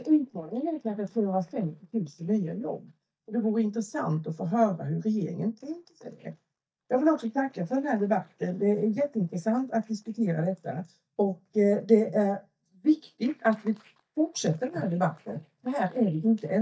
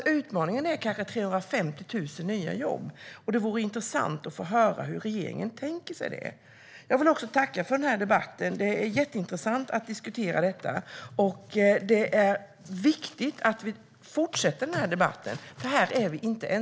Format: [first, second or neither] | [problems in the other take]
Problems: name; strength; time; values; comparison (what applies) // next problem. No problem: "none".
second | noise reduction (neural mask model DeepFilterNet 3)